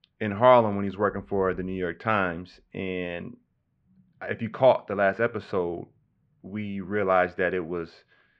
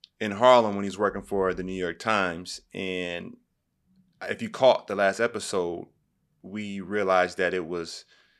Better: second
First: muffled; very; fading above 2.5 kHz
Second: none

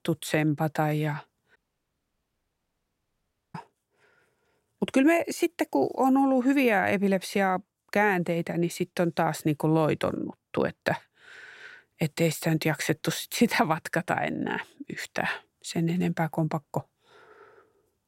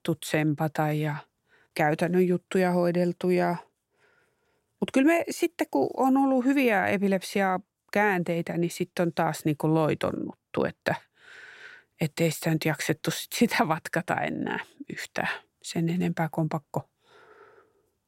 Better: second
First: audio cutting out; at 1.5 s for 2 s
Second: none

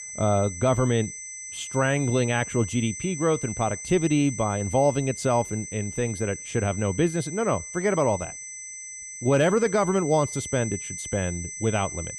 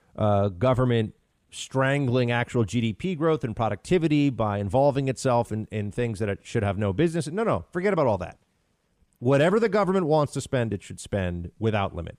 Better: second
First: high-pitched whine; loud; throughout; 6 kHz, 9 dB below the speech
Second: none

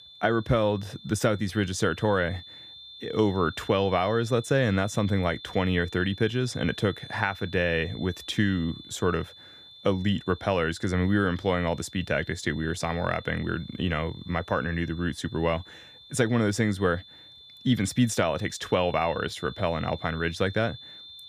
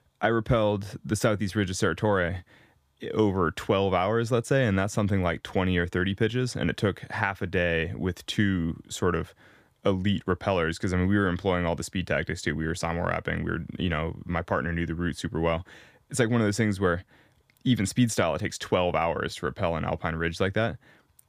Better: second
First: high-pitched whine; noticeable; throughout; 3.5 kHz, 15 dB below the speech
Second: none

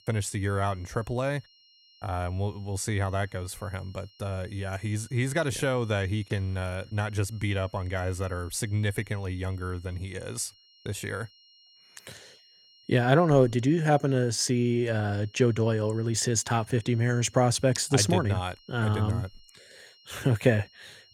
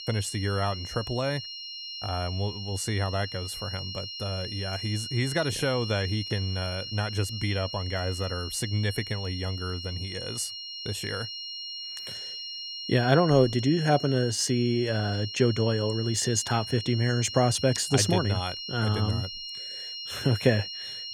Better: first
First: high-pitched whine; faint; throughout; 4 kHz, 30 dB below the speech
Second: high-pitched whine; loud; throughout; 4 kHz, 7 dB below the speech

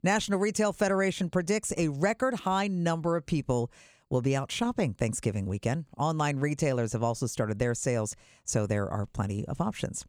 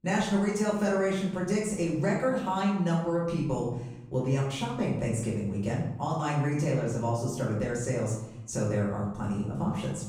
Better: first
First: none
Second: off-mic speech; far // room echo; noticeable; dies away in 0.8 s

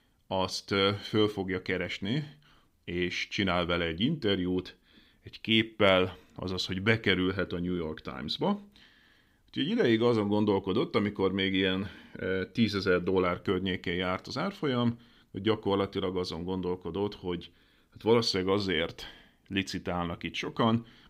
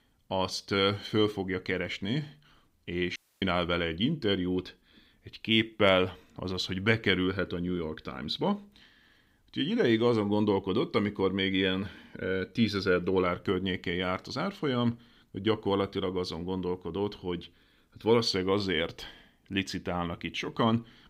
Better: first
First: none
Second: audio cutting out; at 3 s

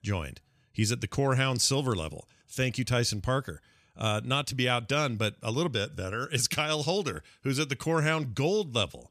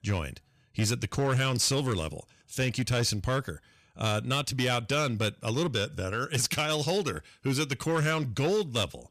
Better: first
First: none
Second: distortion; slight; 8% of the sound clipped

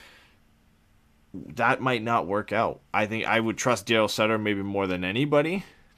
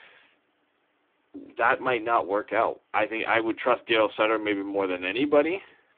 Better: first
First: none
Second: phone-call audio; poor line; nothing above 3.5 kHz

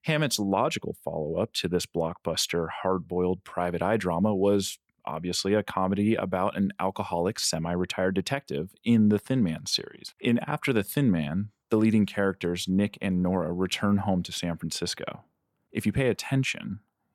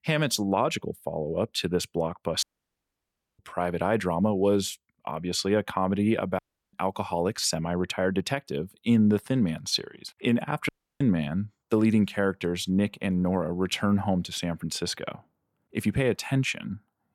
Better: first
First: none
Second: audio cutting out; at 2.5 s for 1 s, at 6.5 s and at 11 s

